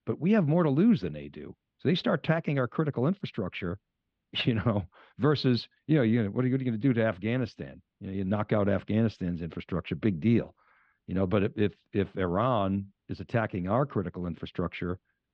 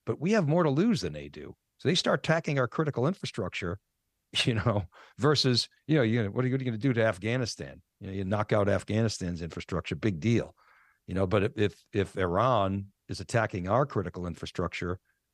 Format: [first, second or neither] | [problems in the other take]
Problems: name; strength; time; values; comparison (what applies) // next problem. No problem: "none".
second | muffled; slightly; fading above 3.5 kHz